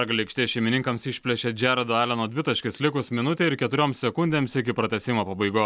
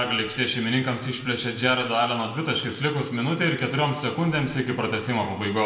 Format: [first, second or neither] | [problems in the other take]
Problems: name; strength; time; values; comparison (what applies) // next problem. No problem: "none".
first | room echo; dies away in 1.1 s